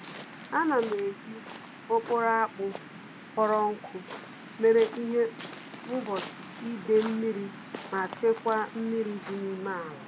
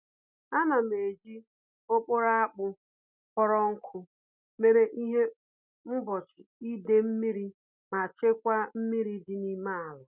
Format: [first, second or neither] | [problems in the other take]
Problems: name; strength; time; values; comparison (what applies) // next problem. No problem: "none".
second | background sound (Waves, surf); 13 dB below the speech